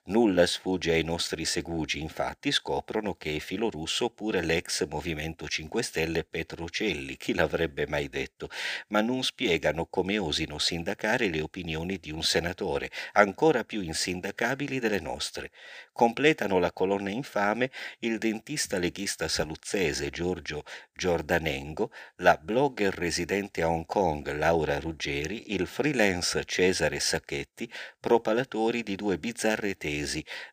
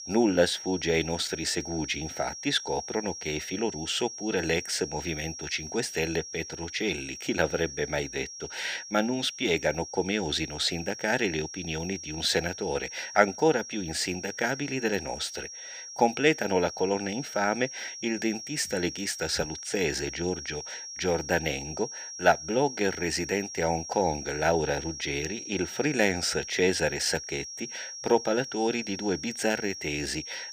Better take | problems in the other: first | high-pitched whine; loud; throughout; 5.5 kHz, 9 dB below the speech

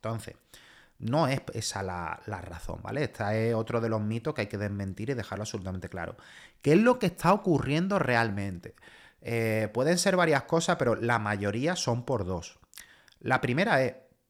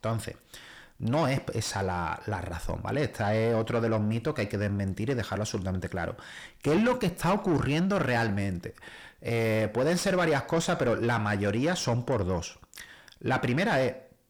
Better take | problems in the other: first | distortion; heavy; 7 dB below the speech

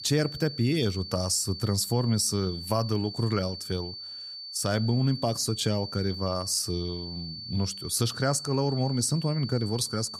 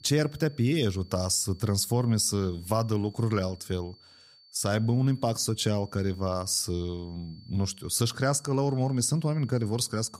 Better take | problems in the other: second | high-pitched whine; loud; throughout; 4.5 kHz, 9 dB below the speech; faint in the second

